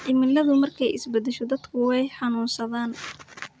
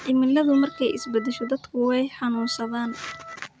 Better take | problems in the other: first | background sound (Organ); 17 dB below the speech

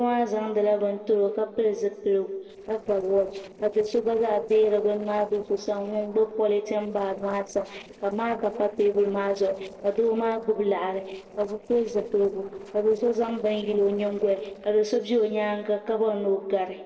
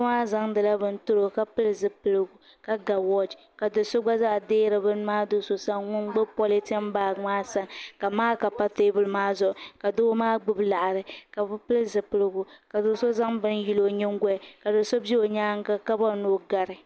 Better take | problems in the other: second | noise reduction (neural separator model SepFormer DNS4)

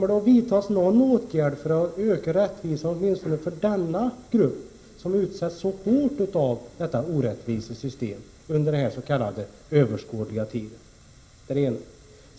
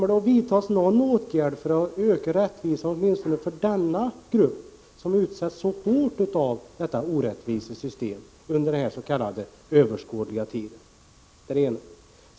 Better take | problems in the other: second | room echo; dies away in 1 s

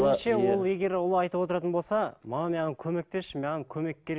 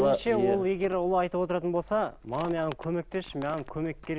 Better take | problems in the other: first | background sound (Livestock, farm animals, working animals); 19 dB below the speech

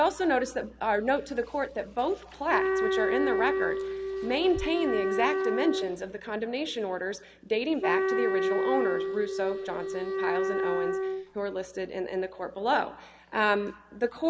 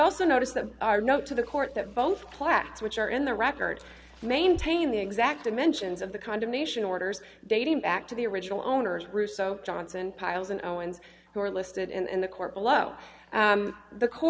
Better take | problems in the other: second | background sound (Wind instrument, woodwind instrument); as loud as the speech

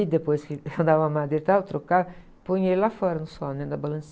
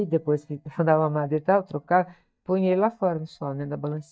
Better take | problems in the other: first | noise reduction (neural mask model DeepFilterNet 3)

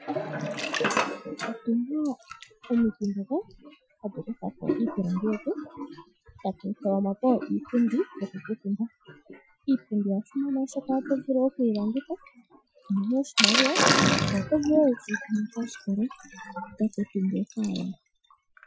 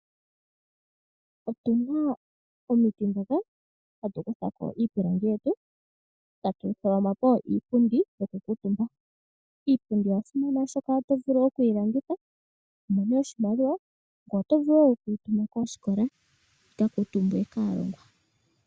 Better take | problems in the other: second | noise reduction (classical method Wiener filter)

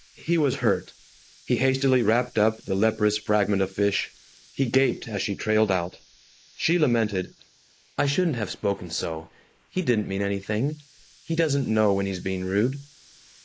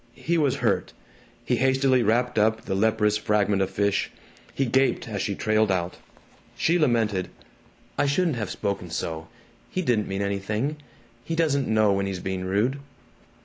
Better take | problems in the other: second | noise reduction (neural mask model Resemble Enhance denoiser)

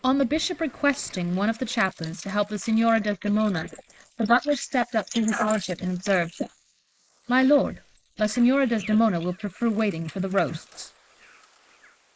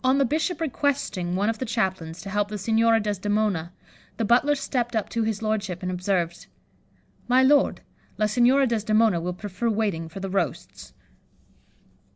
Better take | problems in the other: second | noise reduction (neural mask model Resemble Enhance denoiser)

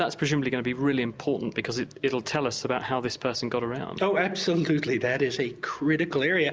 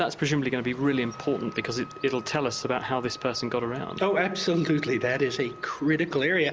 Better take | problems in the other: first | background sound (Bird + Wind instrument, woodwind instrument); 19 dB below the speech

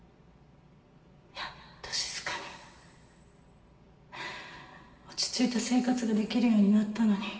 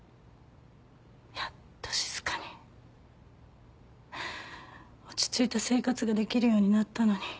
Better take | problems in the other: second | room echo; dies away in 2.8 s

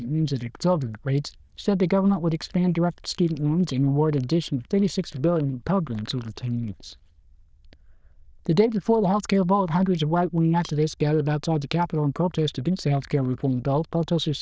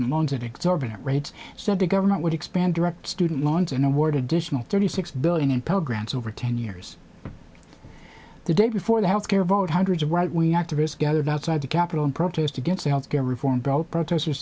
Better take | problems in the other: second | noise reduction (neural diffusion model UNIVERSE++)

